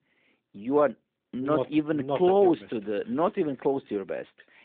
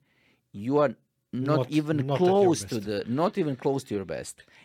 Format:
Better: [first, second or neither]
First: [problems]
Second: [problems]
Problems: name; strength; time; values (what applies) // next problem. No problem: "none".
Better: second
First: phone-call audio; nothing above 3.5 kHz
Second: none